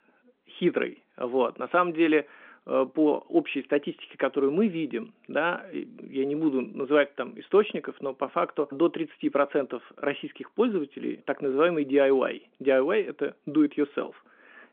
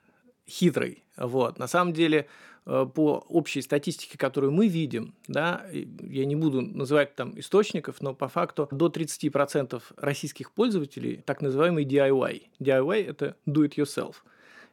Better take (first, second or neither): second